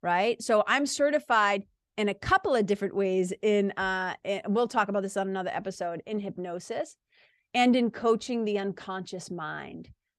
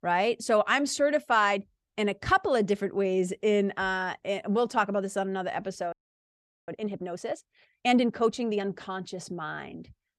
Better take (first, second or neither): first